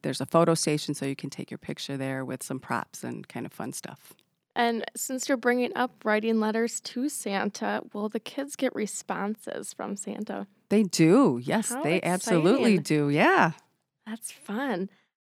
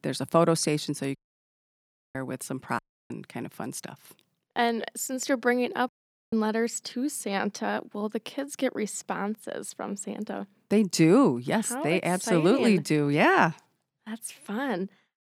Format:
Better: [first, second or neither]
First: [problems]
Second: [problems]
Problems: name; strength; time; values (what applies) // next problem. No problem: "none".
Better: first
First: none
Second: audio cutting out; at 1 s for 1 s, at 3 s and at 6 s